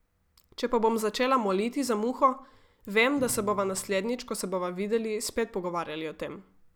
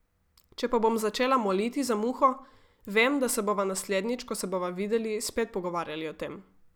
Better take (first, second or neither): second